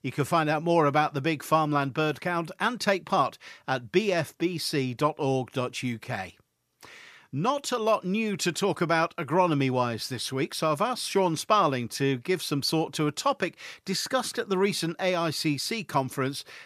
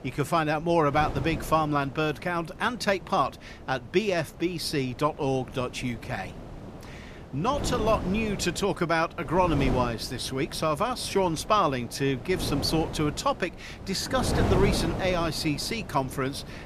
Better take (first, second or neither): first